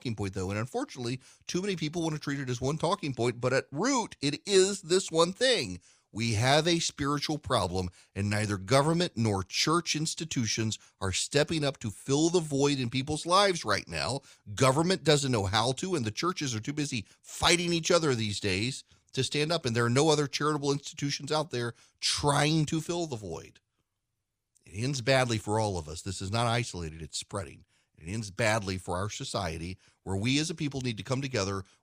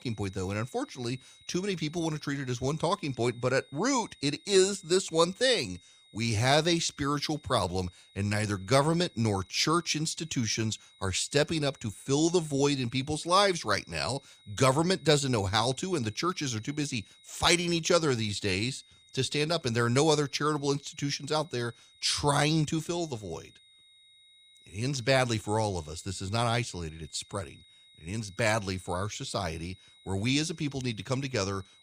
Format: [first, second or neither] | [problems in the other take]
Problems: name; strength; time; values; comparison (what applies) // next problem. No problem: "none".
first | high-pitched whine; faint; throughout; 4 kHz, 25 dB below the speech